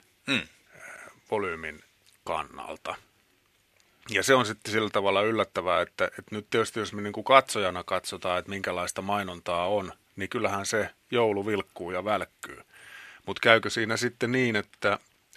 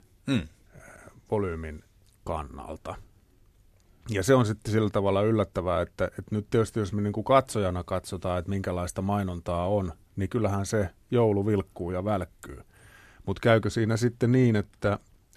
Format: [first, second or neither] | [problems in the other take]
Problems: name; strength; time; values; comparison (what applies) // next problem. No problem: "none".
second | thin; somewhat; fading below 1 kHz